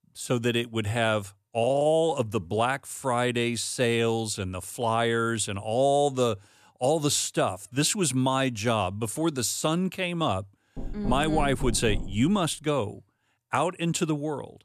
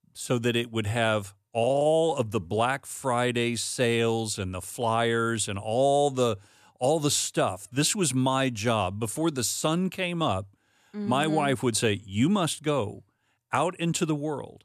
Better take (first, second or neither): second